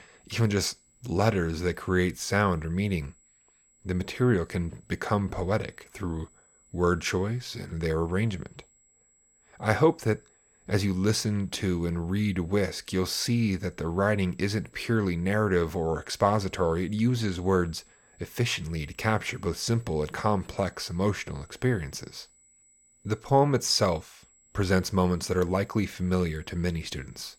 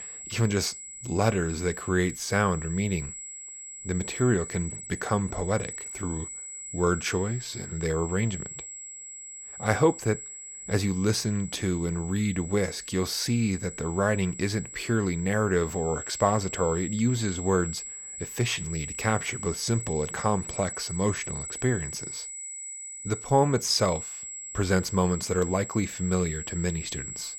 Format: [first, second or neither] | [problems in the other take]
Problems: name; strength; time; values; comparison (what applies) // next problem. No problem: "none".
first | high-pitched whine; loud; throughout; 8 kHz, 9 dB below the speech; faint in the first